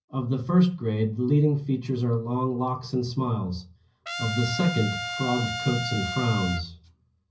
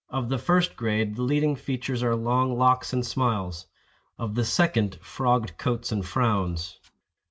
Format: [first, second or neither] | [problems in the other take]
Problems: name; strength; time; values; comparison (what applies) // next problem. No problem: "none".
second | background sound (Trumpet); 7 dB below the speech // room echo; dies away in 0.5 s